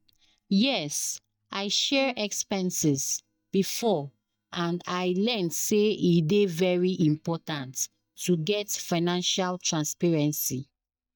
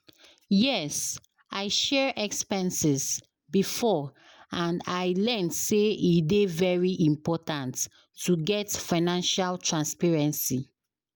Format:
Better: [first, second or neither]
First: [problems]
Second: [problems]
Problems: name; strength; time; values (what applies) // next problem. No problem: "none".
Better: second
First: noise reduction (neural mask model DeepFilterNet 3)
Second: none